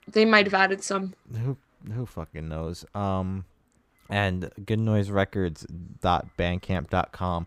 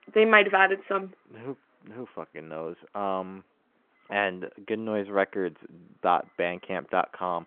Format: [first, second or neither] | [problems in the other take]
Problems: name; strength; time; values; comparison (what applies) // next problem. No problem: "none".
first | phone-call audio